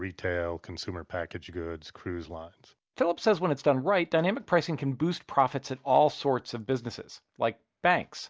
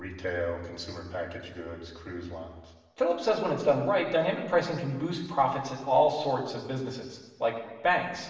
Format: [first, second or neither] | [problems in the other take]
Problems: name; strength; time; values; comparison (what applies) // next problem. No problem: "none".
first | room echo; dies away in 1.1 s